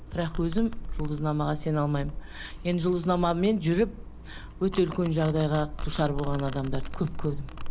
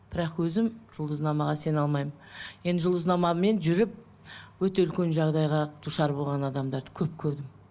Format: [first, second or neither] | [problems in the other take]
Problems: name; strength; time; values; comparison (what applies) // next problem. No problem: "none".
second | background sound (Domestic sounds, home sounds); 6 dB below the speech